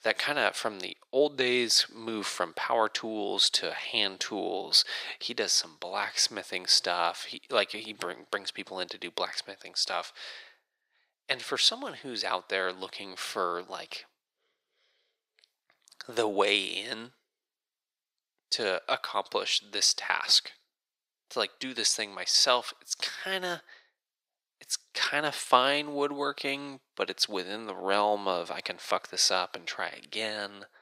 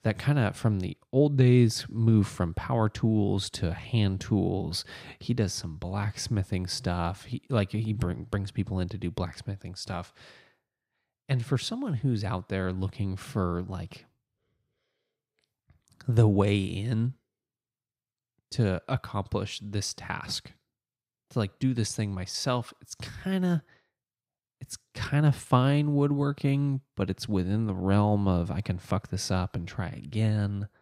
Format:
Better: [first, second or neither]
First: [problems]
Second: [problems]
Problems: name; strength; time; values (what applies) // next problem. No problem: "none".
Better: second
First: thin; very; fading below 500 Hz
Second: none